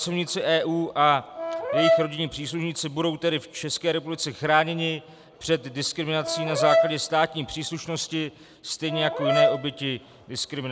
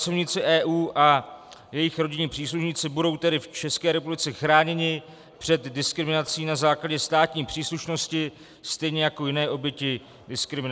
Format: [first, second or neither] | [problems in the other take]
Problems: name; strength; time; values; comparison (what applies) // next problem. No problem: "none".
second | background sound (Brass instrument); as loud as the speech